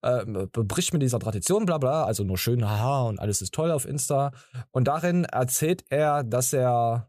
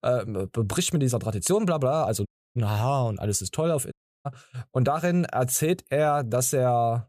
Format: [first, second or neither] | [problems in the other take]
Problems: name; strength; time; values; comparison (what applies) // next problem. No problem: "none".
first | audio cutting out; at 2.5 s and at 4 s